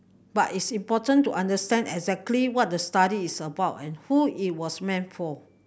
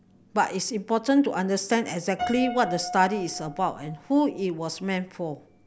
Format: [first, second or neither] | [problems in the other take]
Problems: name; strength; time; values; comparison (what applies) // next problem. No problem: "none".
first | background sound (Piano); 13 dB below the speech